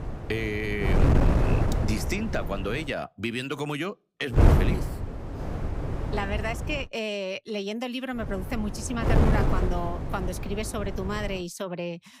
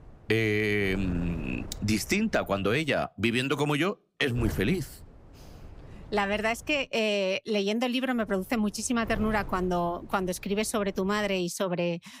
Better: second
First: wind noise on the microphone; heavy; until 3 s, from 4.5 to 7 s and from 8 to 11 s; 2 dB below the speech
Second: wind noise on the microphone; occasional gusts; until 3 s, from 4.5 to 7 s and from 8 to 11 s; 20 dB below the speech

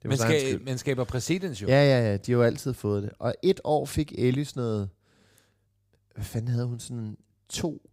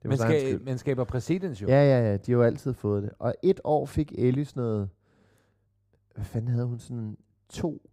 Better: first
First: none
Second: muffled; slightly; fading above 2 kHz

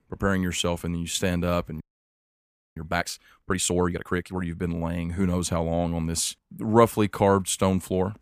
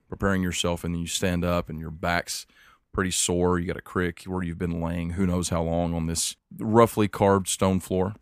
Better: second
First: audio freezing; at 2 s for 1 s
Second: none

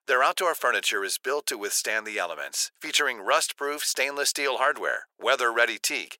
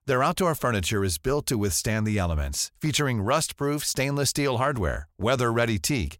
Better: second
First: thin; very; fading below 400 Hz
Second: none

